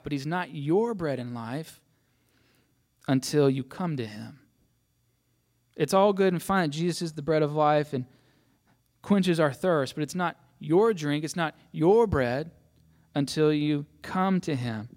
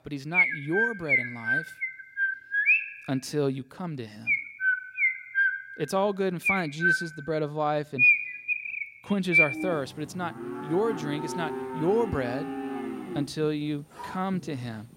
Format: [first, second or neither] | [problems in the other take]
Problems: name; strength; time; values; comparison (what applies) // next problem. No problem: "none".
first | animal sounds; very loud; throughout; 5 dB above the speech